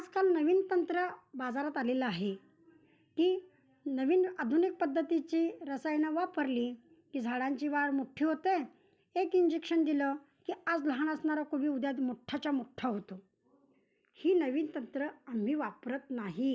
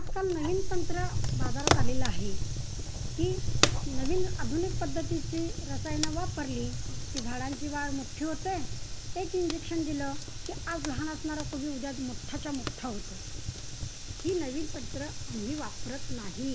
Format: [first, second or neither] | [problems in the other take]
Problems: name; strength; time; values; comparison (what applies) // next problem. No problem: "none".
first | background sound (Fire); 5 dB above the speech